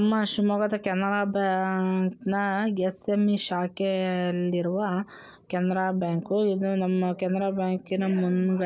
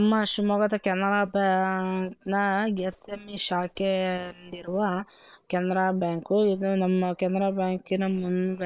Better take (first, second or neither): first